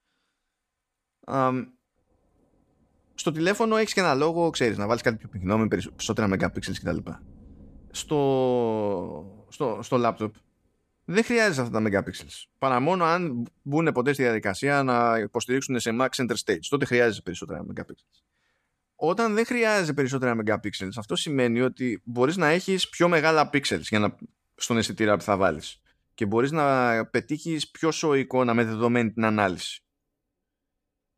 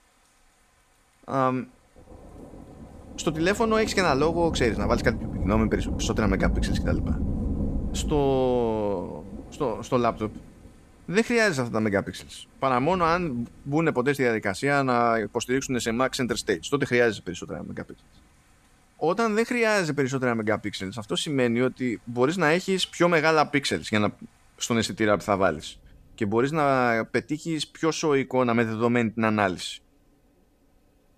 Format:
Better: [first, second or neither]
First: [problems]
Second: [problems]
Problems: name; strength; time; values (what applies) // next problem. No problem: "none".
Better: first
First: rain or running water; faint; throughout; 30 dB below the speech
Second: rain or running water; loud; throughout; 8 dB below the speech